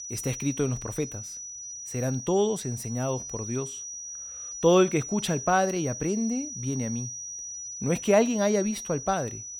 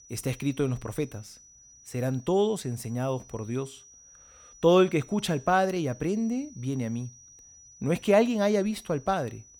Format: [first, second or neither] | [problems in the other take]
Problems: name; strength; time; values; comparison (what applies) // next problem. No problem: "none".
second | high-pitched whine; loud; throughout; 6 kHz, 8 dB below the speech; faint in the second